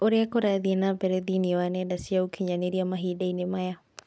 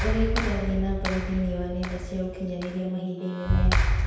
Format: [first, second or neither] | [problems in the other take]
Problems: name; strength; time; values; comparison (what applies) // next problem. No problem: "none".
first | background sound (Clapping); 3 dB above the speech // room echo; dies away in 1.1 s